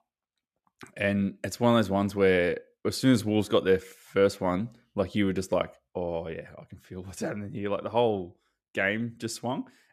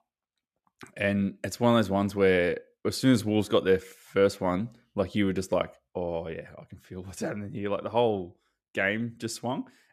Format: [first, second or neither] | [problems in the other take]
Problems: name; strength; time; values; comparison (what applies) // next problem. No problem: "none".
neither | none